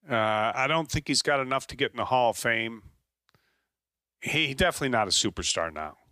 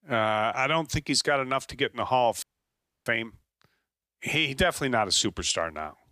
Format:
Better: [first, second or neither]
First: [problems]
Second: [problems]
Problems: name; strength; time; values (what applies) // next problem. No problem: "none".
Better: first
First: none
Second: audio freezing; at 2.5 s for 0.5 s